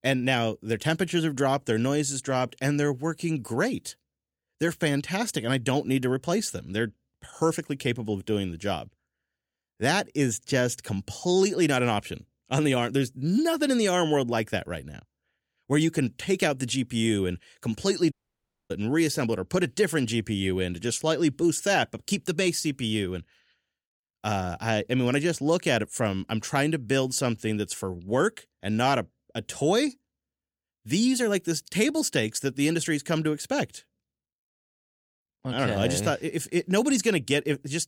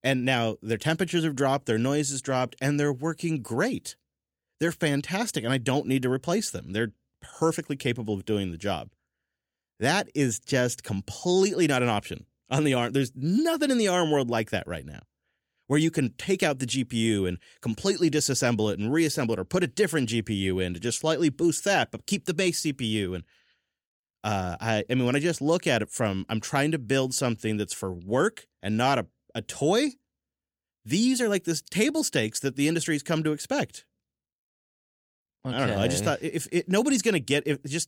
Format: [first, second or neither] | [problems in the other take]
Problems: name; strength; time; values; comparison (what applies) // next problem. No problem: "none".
second | audio cutting out; at 18 s for 0.5 s